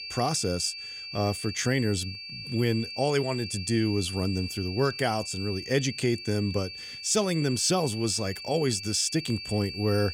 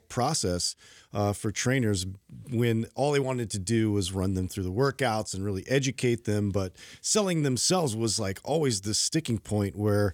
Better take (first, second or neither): second